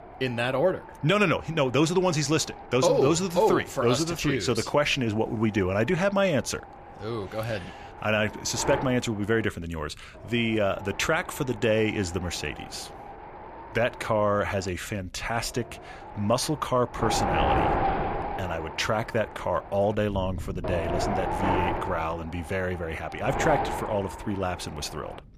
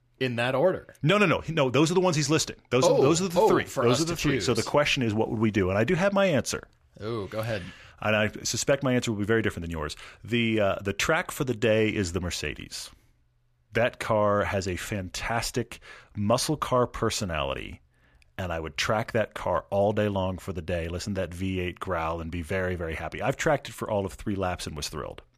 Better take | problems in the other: second | wind noise on the microphone; heavy; 6 dB below the speech

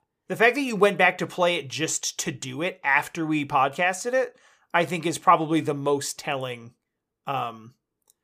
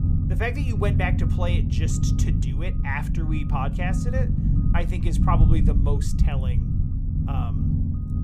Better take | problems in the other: first | low rumble; loud; throughout; 4 dB below the speech

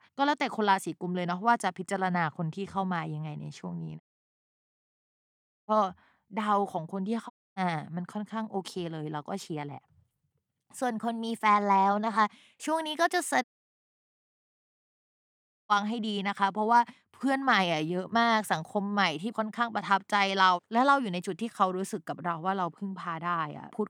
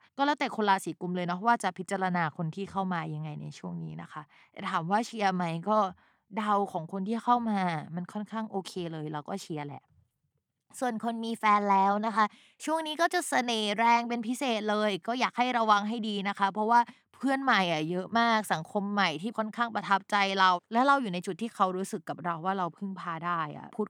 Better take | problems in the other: second | audio cutting out; at 4 s for 1.5 s, at 7.5 s and at 13 s for 2.5 s

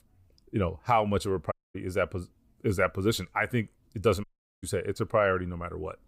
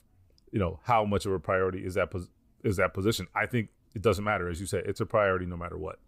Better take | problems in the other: second | audio cutting out; at 1.5 s and at 4 s

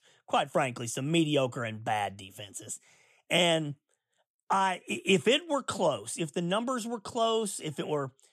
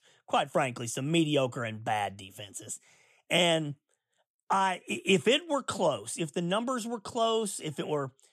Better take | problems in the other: neither | none

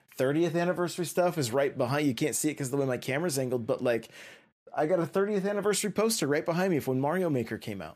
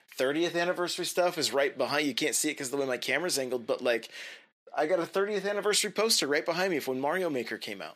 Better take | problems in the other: first | thin; very slightly; fading below 300 Hz

